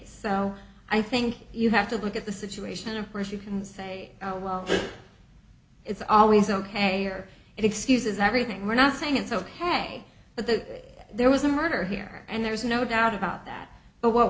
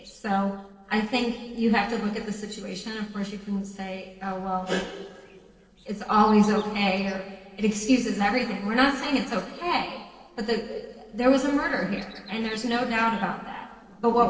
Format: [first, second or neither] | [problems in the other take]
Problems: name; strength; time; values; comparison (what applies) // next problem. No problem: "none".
first | noise reduction (neural separator model SepFormer DNS4)